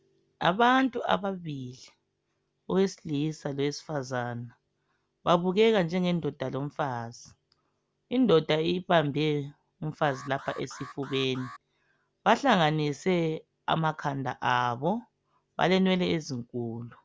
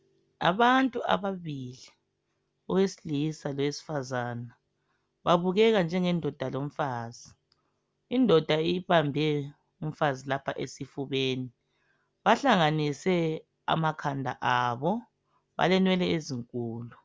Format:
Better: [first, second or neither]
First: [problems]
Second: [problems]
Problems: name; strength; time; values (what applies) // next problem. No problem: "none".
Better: second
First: background sound (Alarm); 17 dB below the speech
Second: none